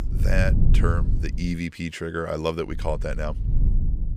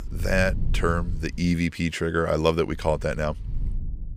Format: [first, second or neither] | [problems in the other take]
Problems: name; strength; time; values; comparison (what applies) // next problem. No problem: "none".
second | low rumble; loud; until 1.5 s and from 2.5 s on; 10 dB below the speech; faint in the second